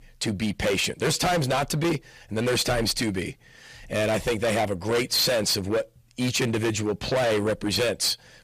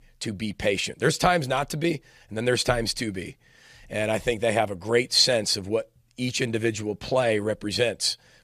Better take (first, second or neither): second